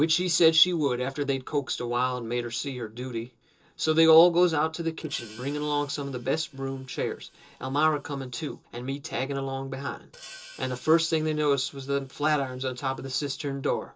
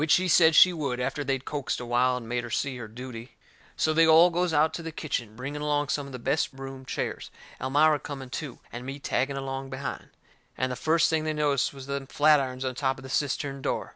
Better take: second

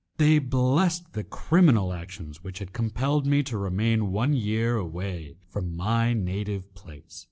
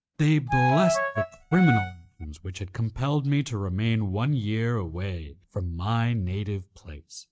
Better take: first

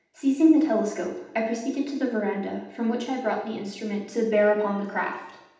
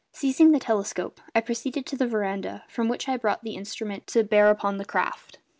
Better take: second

